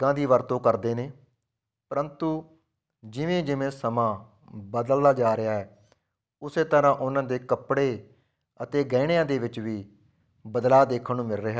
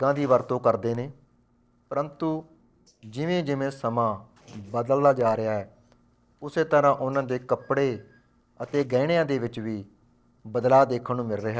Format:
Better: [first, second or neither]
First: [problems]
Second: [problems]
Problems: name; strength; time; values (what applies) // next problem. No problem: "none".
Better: first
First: none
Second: noise reduction (neural separator model SepFormer DNS4)